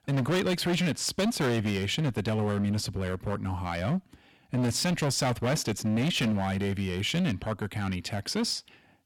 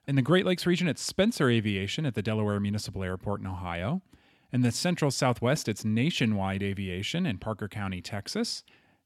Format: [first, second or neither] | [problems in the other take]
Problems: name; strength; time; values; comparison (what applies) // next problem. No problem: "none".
second | distortion; heavy; 17% of the sound clipped